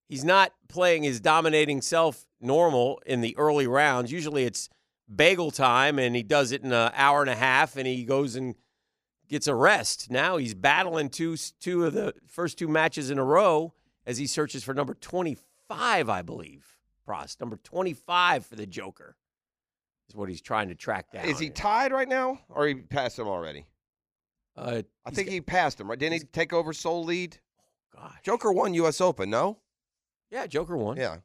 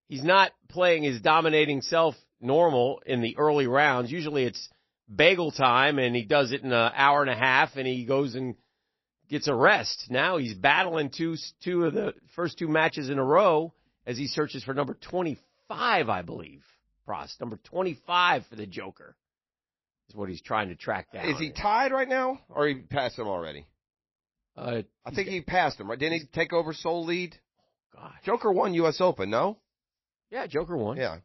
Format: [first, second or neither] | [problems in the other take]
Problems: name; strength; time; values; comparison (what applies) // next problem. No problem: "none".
first | garbled, watery; slightly; nothing above 5.5 kHz